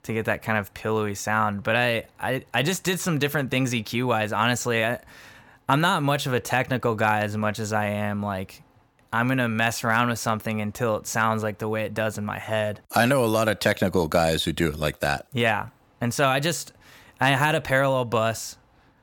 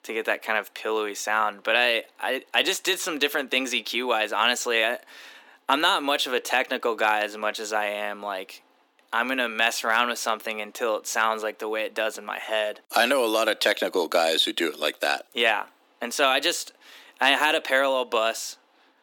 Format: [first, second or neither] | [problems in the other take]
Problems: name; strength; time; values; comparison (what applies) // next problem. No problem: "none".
first | thin; somewhat; fading below 300 Hz